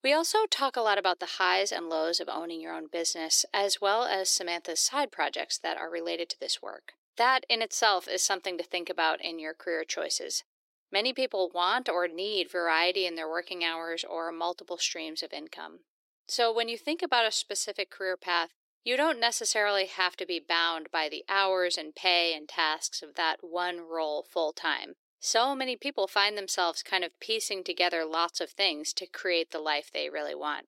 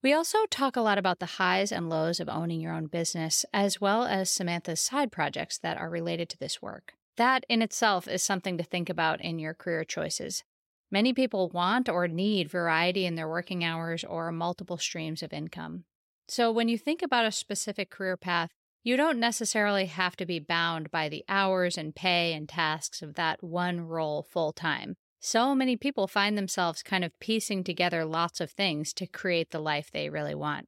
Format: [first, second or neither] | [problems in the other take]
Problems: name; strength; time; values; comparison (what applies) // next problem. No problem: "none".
second | thin; very; fading below 350 Hz